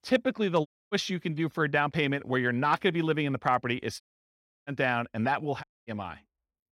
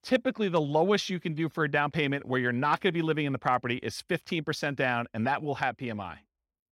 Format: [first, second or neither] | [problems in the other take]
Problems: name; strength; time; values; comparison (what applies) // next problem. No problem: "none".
second | audio cutting out; at 0.5 s, at 4 s for 0.5 s and at 5.5 s